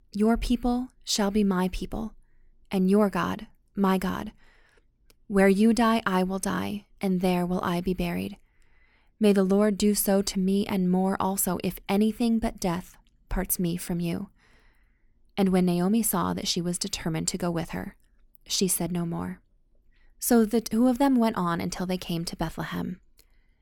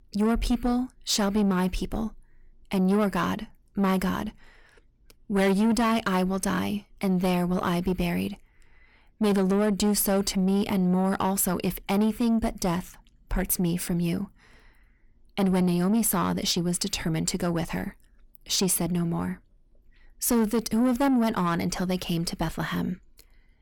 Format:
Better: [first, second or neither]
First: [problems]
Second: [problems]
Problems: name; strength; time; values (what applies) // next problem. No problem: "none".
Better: first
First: none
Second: distortion; slight; 9 dB below the speech